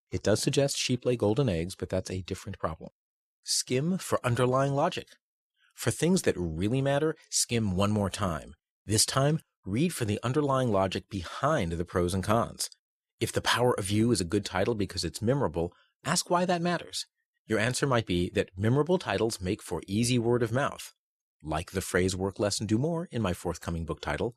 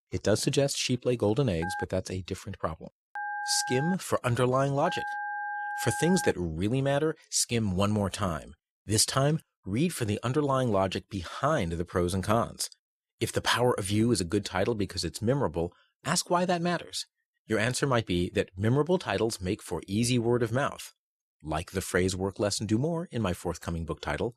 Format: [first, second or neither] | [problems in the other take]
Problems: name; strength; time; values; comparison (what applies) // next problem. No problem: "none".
first | phone ringing; noticeable; from 1.5 to 6.5 s; peak 5 dB below the speech